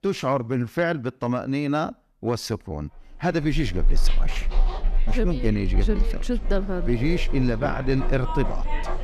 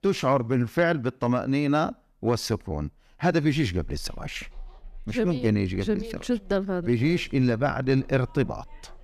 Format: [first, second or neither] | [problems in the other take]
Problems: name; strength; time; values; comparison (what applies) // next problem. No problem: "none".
second | household noises; loud; from 3.5 s on; 3 dB below the speech; faint in the second